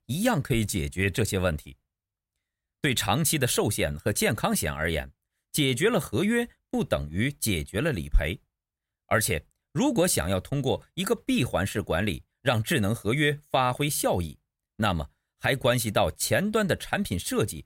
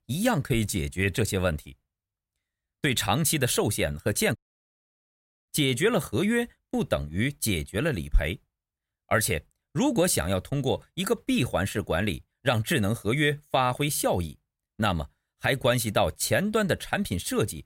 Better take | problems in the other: first | audio cutting out; at 4.5 s for 1 s

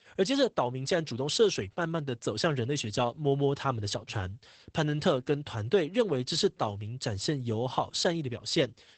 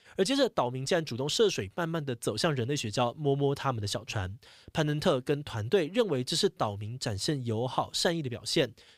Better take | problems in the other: second | garbled, watery; badly; nothing above 8 kHz

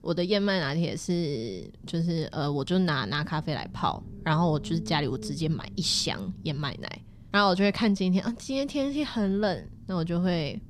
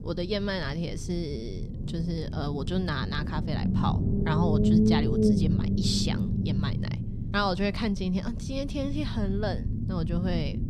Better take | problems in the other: first | low rumble; loud; throughout; 3 dB below the speech; faint in the first

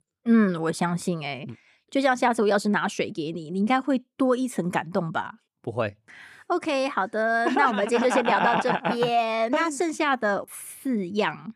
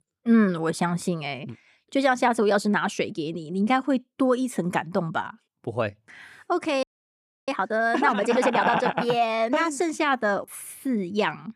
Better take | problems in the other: first | audio freezing; at 7 s for 0.5 s

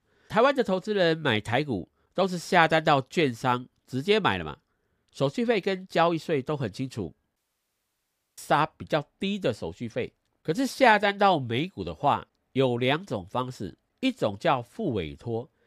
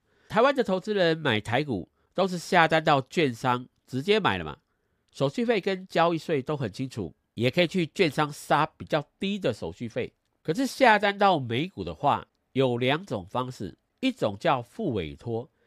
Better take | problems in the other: second | audio cutting out; at 7.5 s for 1 s

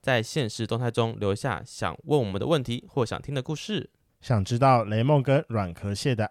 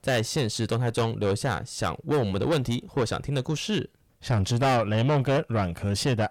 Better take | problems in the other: first | distortion; heavy; 7 dB below the speech

